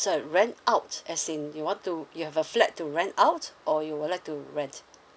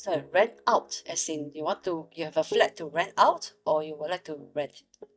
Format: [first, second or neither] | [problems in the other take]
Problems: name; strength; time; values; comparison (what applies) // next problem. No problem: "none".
first | noise reduction (neural mask model DeepFilterNet 3)